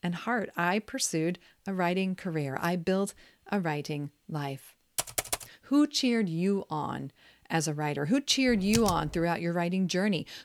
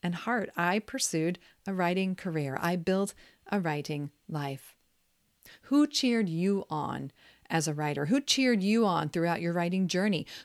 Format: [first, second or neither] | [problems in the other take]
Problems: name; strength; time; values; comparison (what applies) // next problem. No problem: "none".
second | keyboard typing; noticeable; at 5 s and at 8.5 s; peak 2 dB below the speech